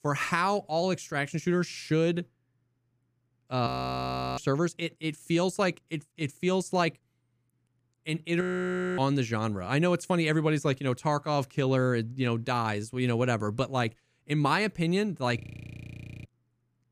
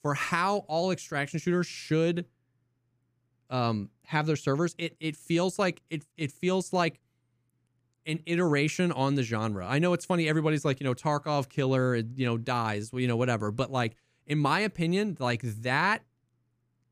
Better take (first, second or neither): second